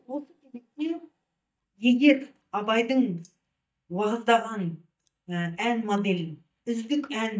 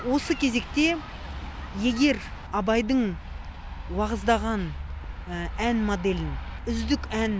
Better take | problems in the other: second | noise reduction (neural mask model DeepFilterNet 3)

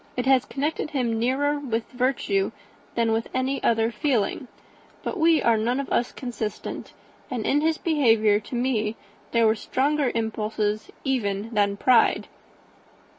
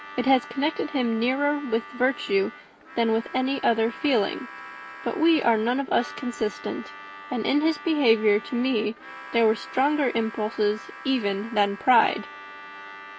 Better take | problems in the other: first | background sound (Harmonica); 16 dB below the speech

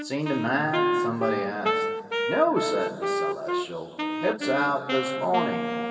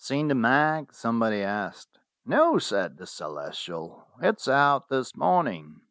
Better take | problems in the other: second | background sound (Wind instrument, woodwind instrument); 1 dB below the speech // room echo; dies away in 2.6 s

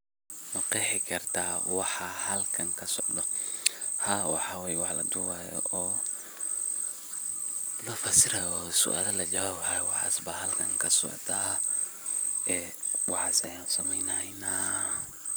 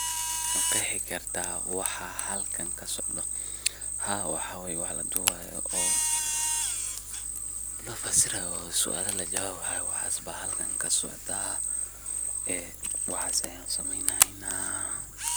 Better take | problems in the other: first | background sound (Camera); 3 dB below the speech

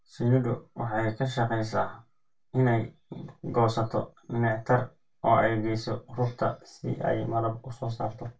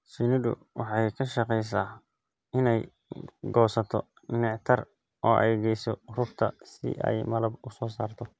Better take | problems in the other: second | room echo; dies away in 0.2 s

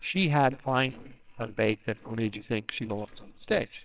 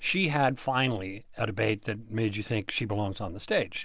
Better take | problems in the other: second | noise reduction (neural separator model SepFormer WHAMR!)

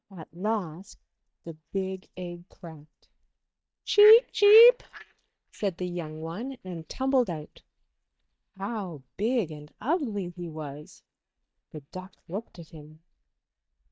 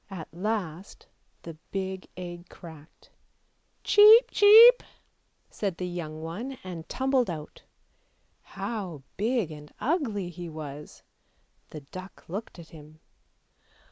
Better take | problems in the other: second | noise reduction (neural mask model DeepFilterNet 3)

